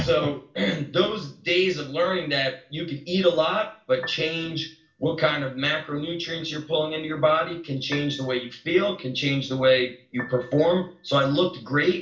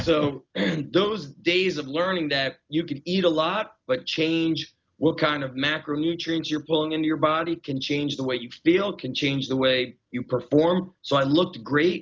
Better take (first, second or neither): second